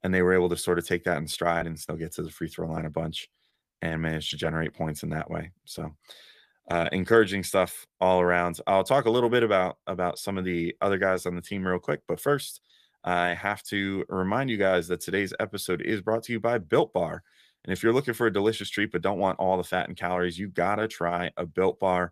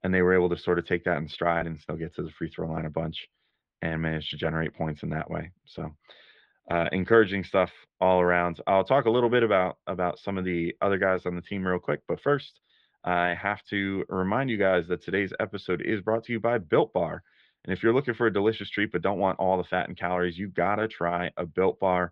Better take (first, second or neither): first